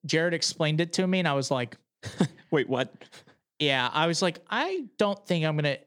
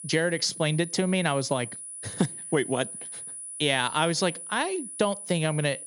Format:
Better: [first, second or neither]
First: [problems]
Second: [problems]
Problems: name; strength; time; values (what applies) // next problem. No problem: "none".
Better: first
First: none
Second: high-pitched whine; loud; throughout; 10 kHz, 10 dB below the speech